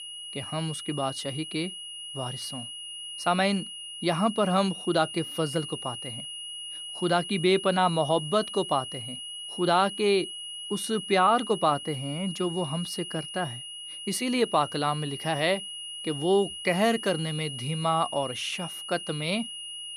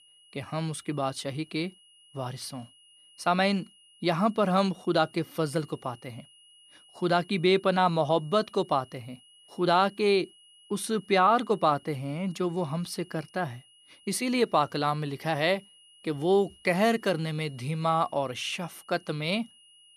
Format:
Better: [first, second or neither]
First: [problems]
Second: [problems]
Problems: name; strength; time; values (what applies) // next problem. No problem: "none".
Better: second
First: high-pitched whine; loud; throughout; 3 kHz, 8 dB below the speech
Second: high-pitched whine; faint; throughout; 3 kHz, 25 dB below the speech